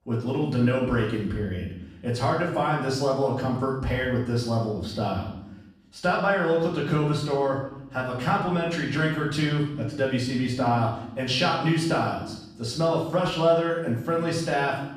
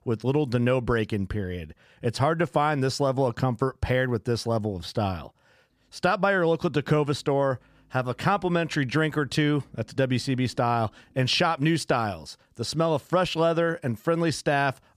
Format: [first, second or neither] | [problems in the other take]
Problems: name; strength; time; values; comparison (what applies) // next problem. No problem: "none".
second | off-mic speech; far // room echo; noticeable; dies away in 0.8 s